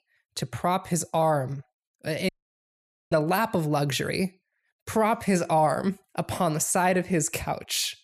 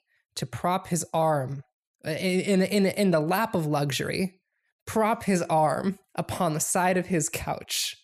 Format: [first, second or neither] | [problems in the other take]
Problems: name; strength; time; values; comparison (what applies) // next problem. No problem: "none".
second | audio cutting out; at 2.5 s for 1 s